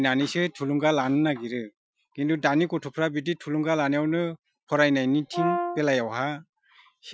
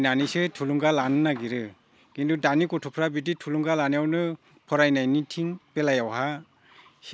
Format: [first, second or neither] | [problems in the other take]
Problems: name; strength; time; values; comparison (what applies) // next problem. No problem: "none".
second | noise reduction (classical method Wiener filter)